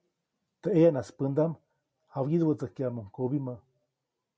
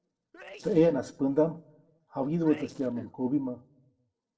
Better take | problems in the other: first | noise reduction (neural separator model SepFormer DNS4)

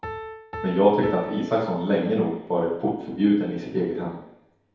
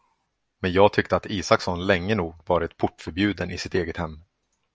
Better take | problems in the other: second | background sound (Piano); 15 dB below the speech // room echo; dies away in 2.1 s

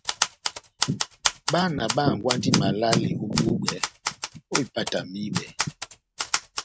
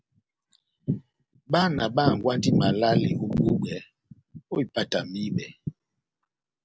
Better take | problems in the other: second | background sound (Typewriter); 4 dB below the speech

